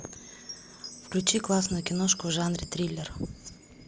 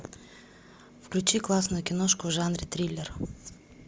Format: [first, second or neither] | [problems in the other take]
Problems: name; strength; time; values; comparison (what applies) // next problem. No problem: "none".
second | background sound (Chime); 16 dB below the speech